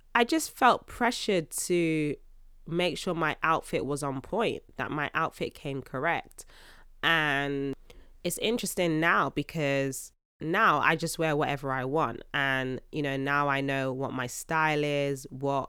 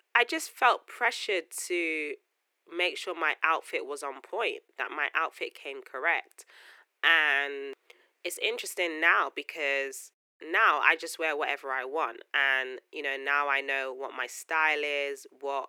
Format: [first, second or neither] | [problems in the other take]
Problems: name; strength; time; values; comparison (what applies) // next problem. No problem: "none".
first | thin; very; fading below 350 Hz